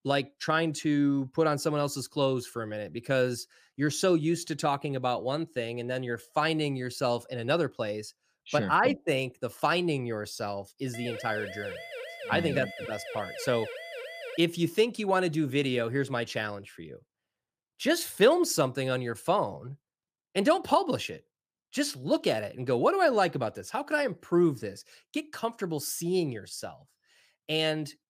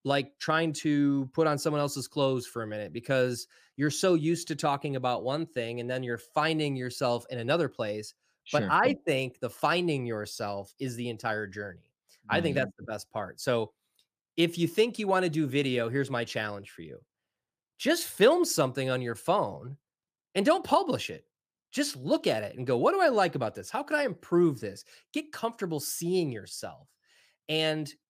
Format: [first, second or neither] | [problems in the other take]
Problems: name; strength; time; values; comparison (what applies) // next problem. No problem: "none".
second | siren; faint; from 11 to 14 s; peak 10 dB below the speech